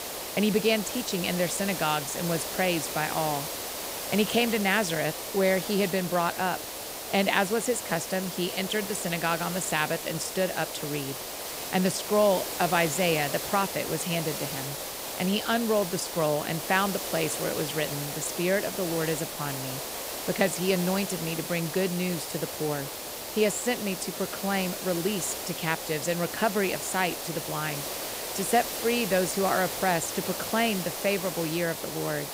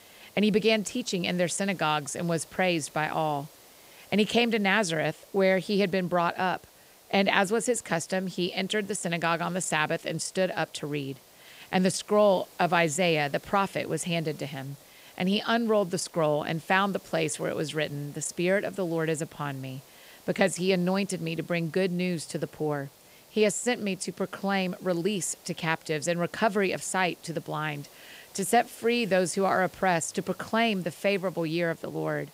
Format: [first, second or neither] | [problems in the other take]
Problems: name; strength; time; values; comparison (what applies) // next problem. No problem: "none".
second | hiss; loud; throughout; 5 dB below the speech; faint in the second